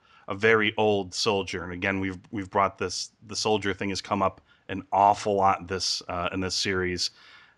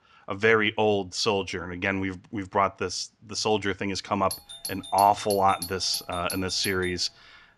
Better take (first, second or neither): first